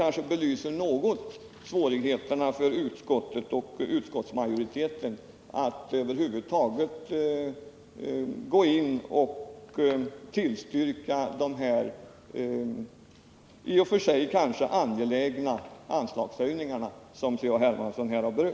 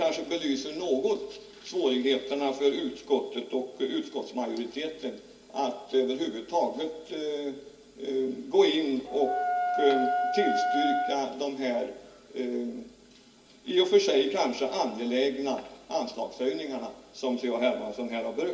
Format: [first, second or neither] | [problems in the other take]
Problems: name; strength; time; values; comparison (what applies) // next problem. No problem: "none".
first | background sound (Wind instrument, woodwind instrument); 1 dB below the speech // room echo; dies away in 0.3 s